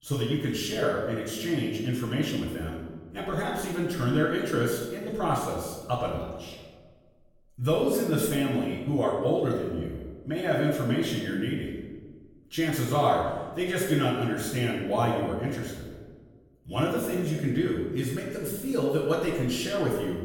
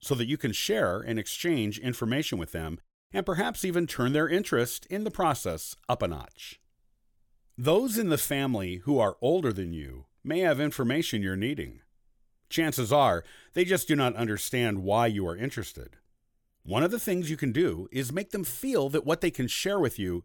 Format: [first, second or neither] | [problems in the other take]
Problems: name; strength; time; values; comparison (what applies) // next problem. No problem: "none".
second | room echo; noticeable; dies away in 1.1 s // off-mic speech; far